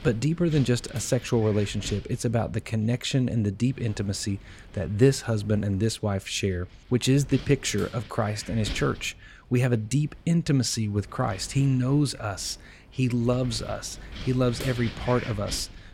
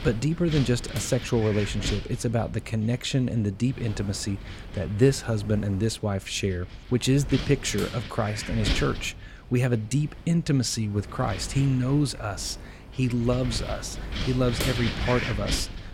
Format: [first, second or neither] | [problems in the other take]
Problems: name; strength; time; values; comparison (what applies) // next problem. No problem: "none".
first | wind noise on the microphone; heavy; 5 dB below the speech; occasional gusts in the first